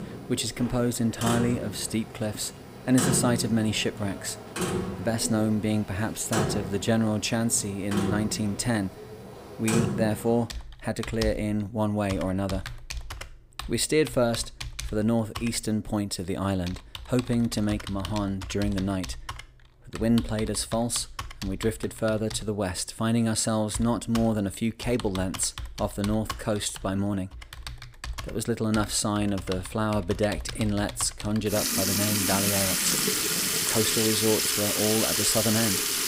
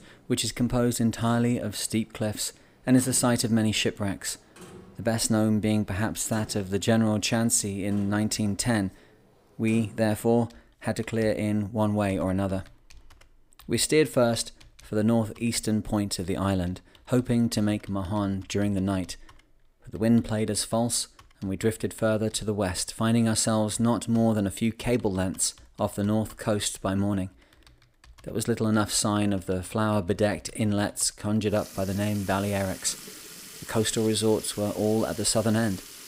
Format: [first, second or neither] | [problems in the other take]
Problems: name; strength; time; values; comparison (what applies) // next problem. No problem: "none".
second | household noises; loud; throughout; 3 dB below the speech; faint in the second